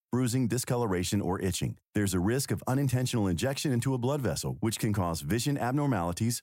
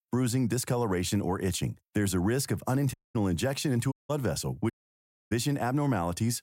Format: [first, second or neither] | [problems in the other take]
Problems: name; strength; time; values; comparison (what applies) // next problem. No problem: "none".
first | audio cutting out; at 3 s, at 4 s and at 4.5 s for 0.5 s